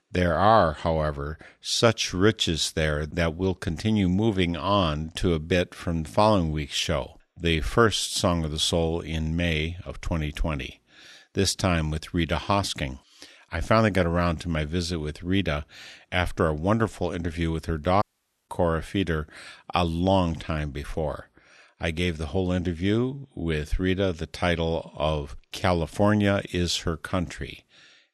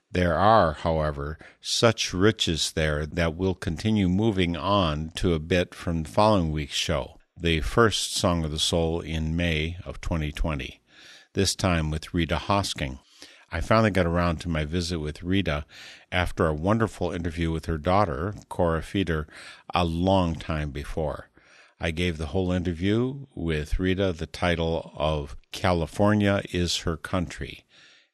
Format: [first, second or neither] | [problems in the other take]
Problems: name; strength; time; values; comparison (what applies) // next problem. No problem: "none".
second | audio cutting out; at 18 s